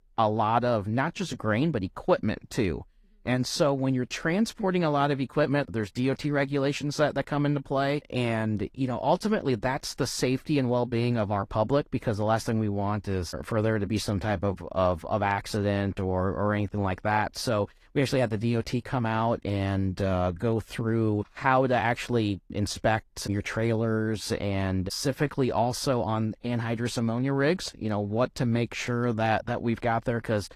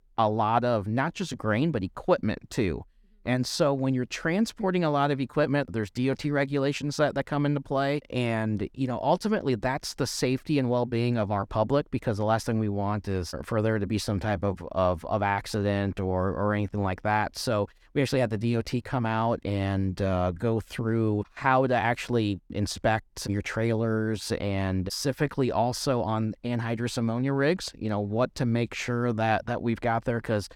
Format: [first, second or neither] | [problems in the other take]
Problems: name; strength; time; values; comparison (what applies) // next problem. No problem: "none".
second | garbled, watery; slightly